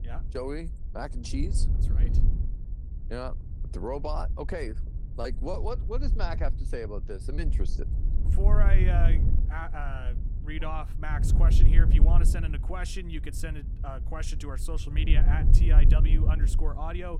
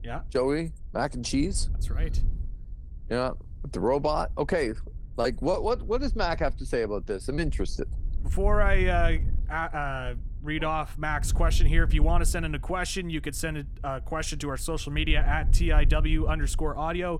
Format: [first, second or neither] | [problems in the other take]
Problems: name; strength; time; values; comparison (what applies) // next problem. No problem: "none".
second | wind noise on the microphone; heavy; 8 dB below the speech; occasional gusts in the second